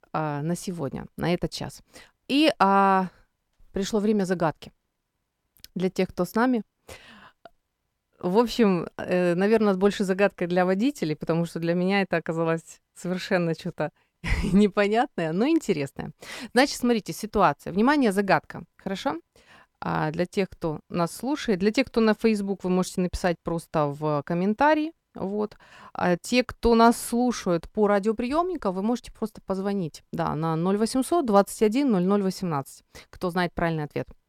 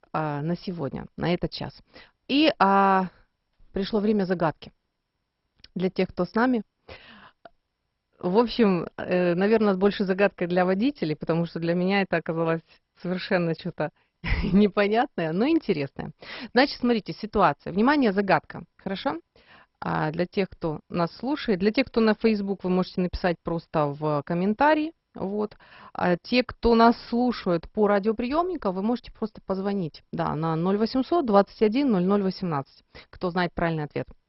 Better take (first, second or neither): first